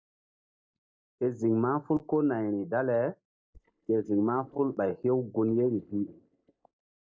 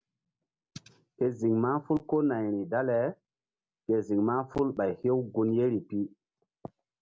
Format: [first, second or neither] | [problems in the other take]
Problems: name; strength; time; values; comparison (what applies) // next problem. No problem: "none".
second | noise reduction (neural mask model DeepFilterNet 3)